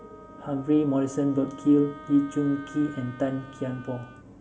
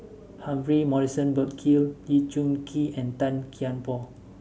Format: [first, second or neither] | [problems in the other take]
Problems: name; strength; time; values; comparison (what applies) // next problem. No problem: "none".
second | background sound (Wind instrument, woodwind instrument); 20 dB below the speech // room echo; dies away in 2.4 s